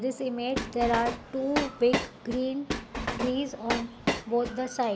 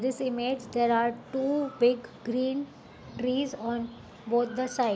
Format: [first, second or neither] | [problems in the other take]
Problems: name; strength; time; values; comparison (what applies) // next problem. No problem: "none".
second | background sound (Train); 4 dB below the speech